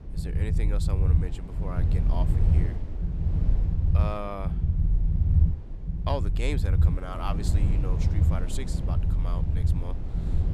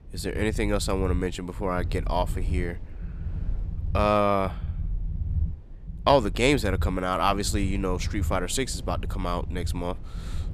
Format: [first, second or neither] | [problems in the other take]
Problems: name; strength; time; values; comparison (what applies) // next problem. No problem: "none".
second | low rumble; loud; throughout; 3 dB below the speech; faint in the second